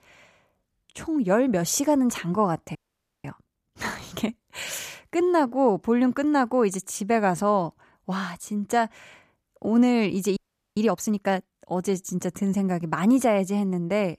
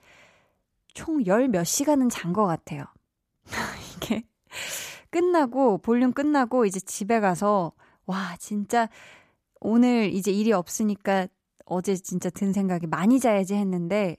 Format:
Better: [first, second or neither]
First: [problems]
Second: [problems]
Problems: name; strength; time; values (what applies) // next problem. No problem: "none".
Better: second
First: audio freezing; at 3 s and at 10 s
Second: none